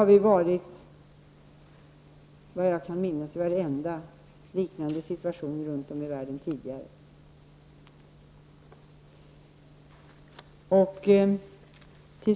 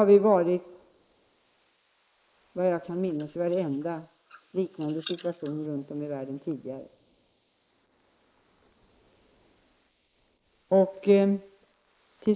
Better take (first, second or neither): first